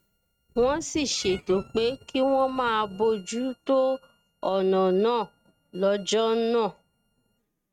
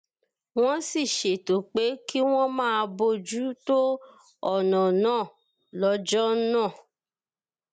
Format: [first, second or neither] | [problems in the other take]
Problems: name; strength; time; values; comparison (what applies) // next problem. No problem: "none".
second | noise reduction (neural mask model RNNoise)